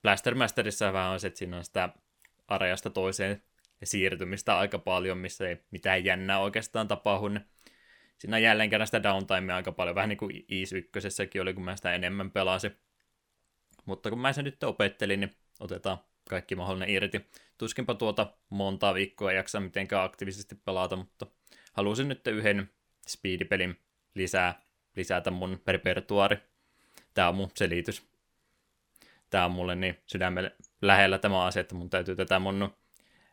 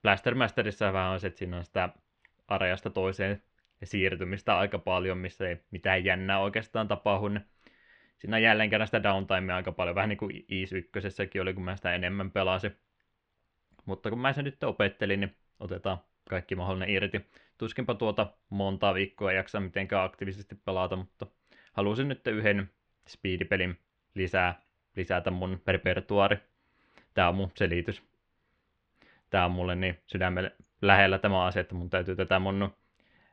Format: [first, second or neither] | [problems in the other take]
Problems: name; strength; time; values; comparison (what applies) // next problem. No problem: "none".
first | muffled; slightly; fading above 3 kHz